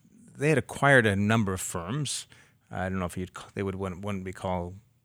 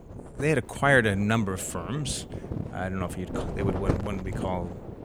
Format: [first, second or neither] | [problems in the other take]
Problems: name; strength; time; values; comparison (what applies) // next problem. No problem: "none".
first | wind noise on the microphone; occasional gusts; 10 dB below the speech